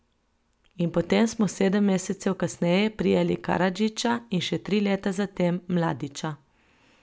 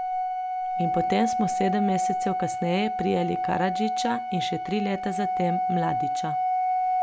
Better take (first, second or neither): first